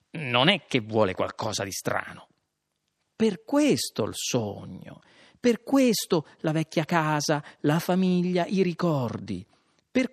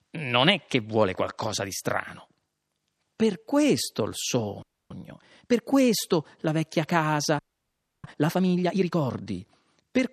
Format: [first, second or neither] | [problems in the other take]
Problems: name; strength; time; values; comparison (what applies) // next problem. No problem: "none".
first | audio freezing; at 4.5 s and at 7.5 s for 0.5 s